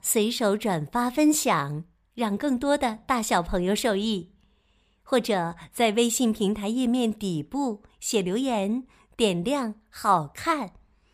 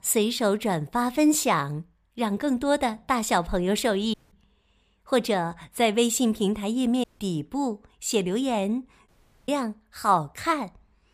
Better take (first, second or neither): first